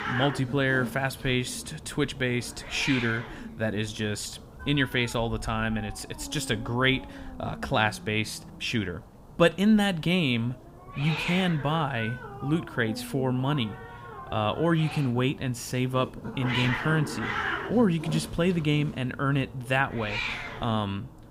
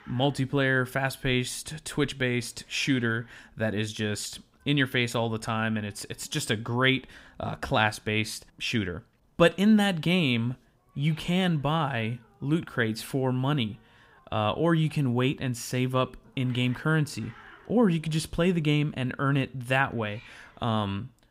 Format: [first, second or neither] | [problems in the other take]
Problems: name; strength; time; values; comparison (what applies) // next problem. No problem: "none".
second | hiss; loud; throughout; 9 dB below the speech; faint in the second